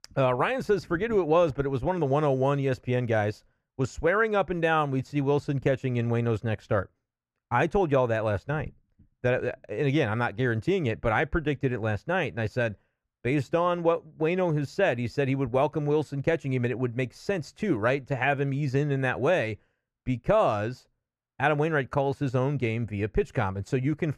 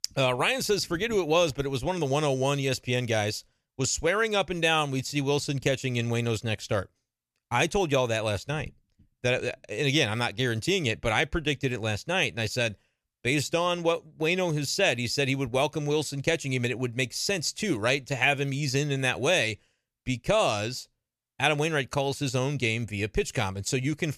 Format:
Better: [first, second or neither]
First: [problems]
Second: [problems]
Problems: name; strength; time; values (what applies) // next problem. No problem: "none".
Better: second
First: muffled; very; fading above 2.5 kHz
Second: none